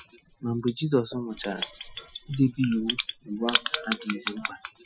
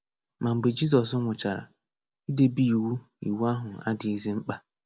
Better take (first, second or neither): second